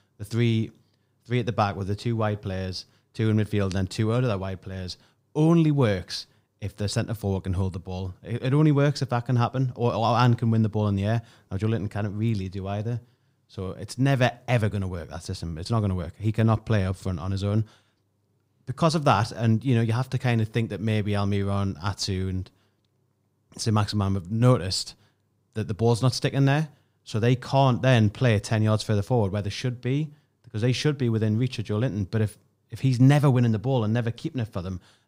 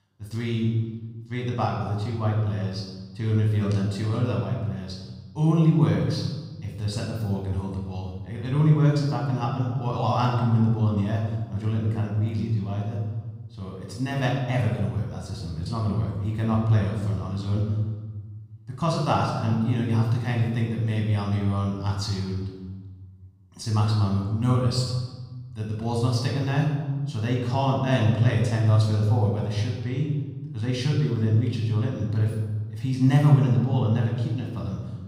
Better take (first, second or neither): first